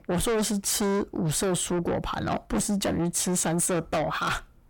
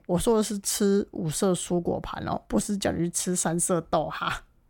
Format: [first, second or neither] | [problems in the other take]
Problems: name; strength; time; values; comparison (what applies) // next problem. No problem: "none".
second | distortion; heavy; 6 dB below the speech